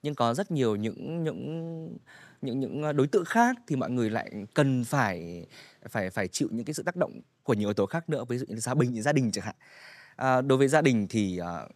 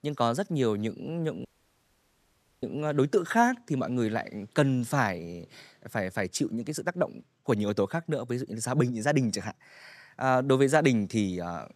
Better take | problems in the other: first | audio cutting out; at 1.5 s for 1 s

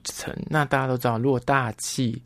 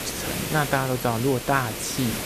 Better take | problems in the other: first | hiss; loud; throughout; 5 dB below the speech

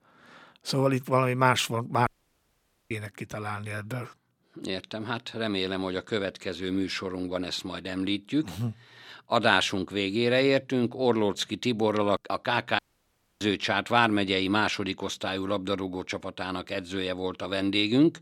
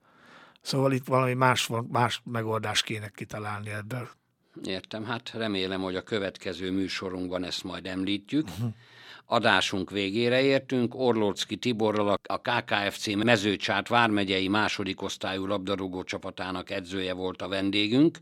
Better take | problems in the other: second | audio cutting out; at 2 s for 1 s and at 13 s for 0.5 s

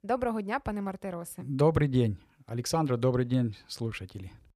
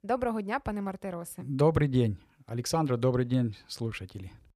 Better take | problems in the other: neither | none

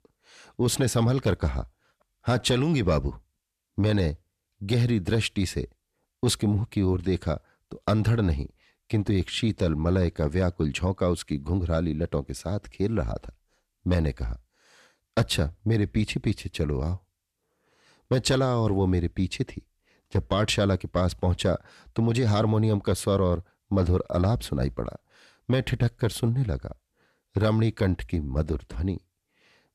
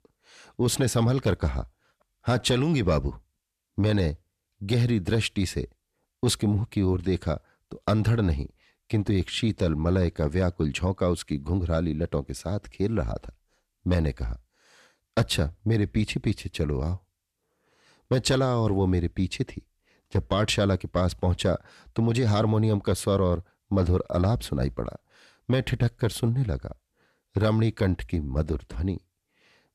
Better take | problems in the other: neither | none

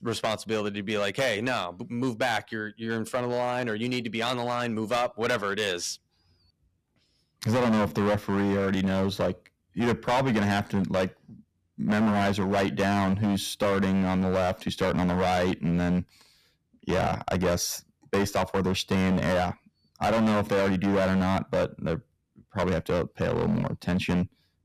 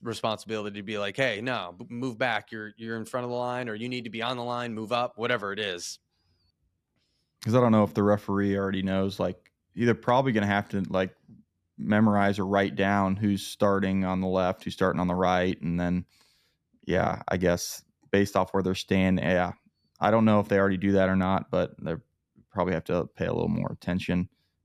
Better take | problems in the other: second | distortion; heavy; 13% of the sound clipped

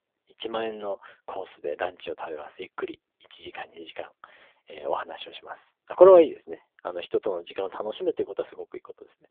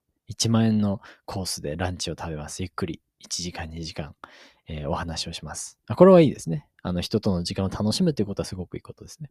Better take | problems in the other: second | phone-call audio; poor line; nothing above 3.5 kHz

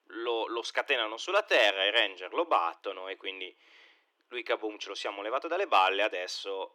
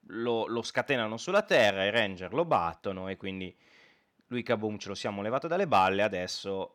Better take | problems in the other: second | thin; very; fading below 300 Hz

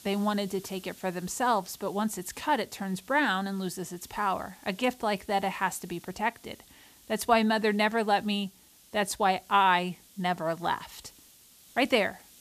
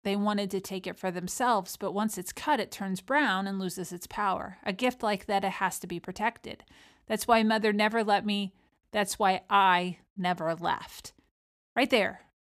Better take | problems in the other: second | hiss; faint; throughout; 25 dB below the speech

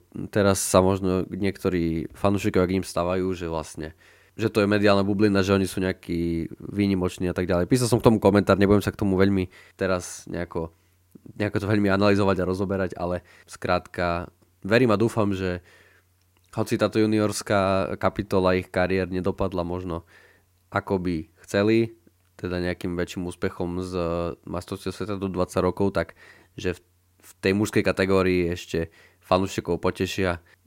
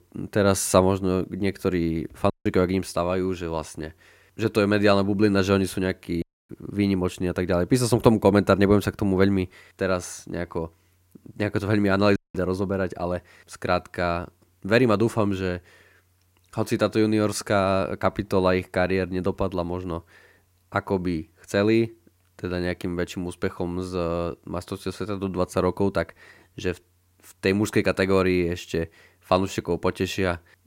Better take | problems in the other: first | audio cutting out; at 2.5 s, at 6 s and at 12 s

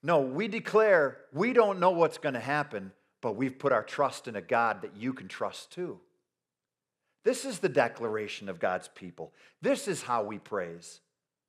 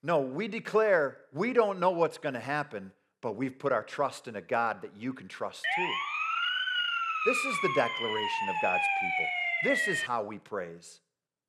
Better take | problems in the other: first | siren; loud; from 5.5 to 10 s; peak 5 dB above the speech

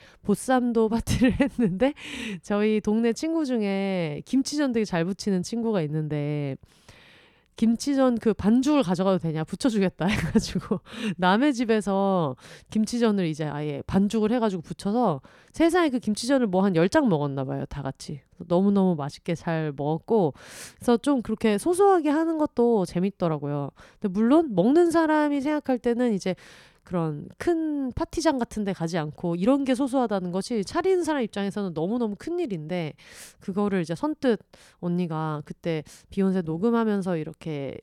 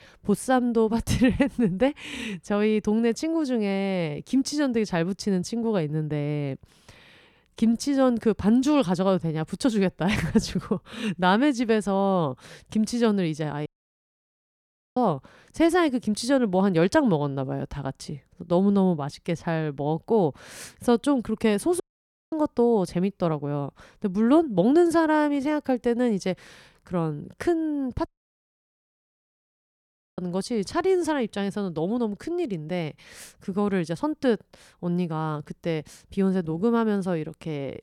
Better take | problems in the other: first | audio cutting out; at 14 s for 1.5 s, at 22 s for 0.5 s and at 28 s for 2 s

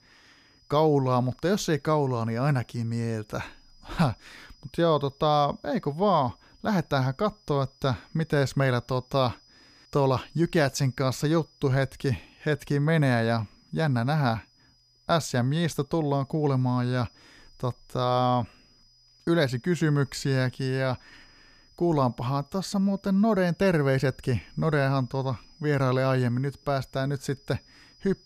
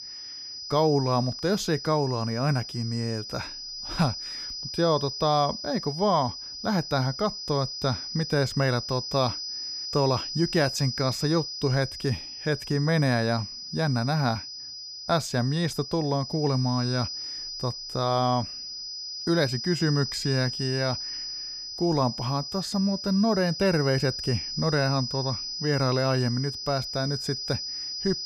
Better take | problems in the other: first | high-pitched whine; loud; throughout; 5 kHz, 6 dB below the speech; faint in the first

